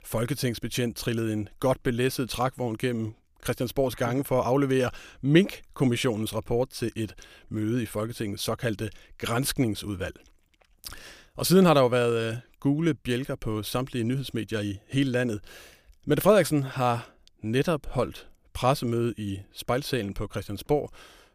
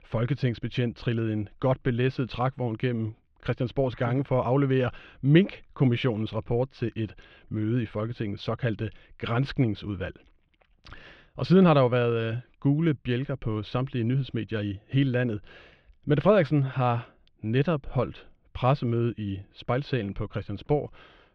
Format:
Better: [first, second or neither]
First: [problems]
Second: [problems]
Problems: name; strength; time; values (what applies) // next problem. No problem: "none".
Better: first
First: none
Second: muffled; slightly; fading above 3.5 kHz